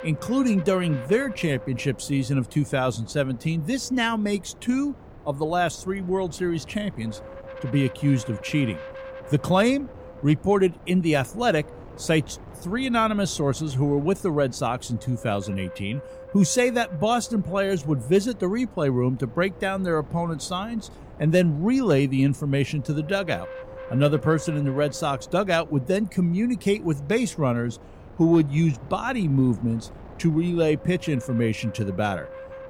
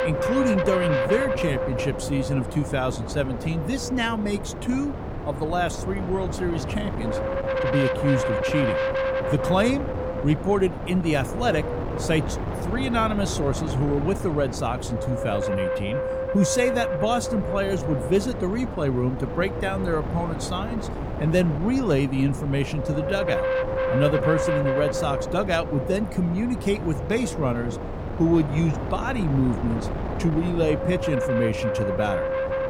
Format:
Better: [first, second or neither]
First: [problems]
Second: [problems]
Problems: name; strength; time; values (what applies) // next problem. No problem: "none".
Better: first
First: wind noise on the microphone; occasional gusts; 15 dB below the speech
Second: wind noise on the microphone; heavy; 1 dB below the speech